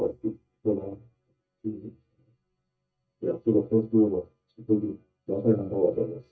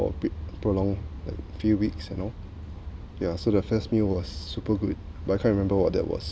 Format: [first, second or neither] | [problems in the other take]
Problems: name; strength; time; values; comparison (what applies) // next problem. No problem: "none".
second | noise reduction (neural mask model DeepFilterNet 3)